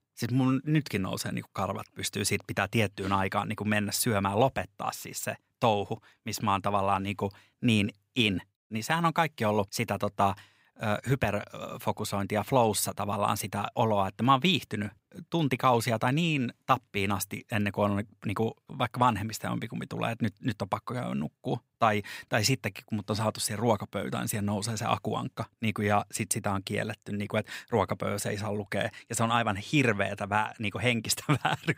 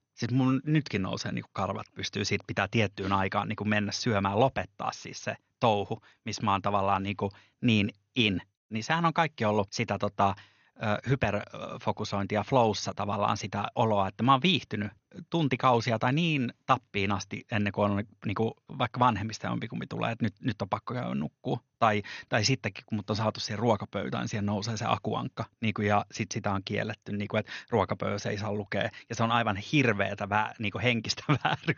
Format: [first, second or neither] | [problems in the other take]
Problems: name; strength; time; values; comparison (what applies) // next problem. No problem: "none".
first | garbled, watery; slightly; nothing above 6.5 kHz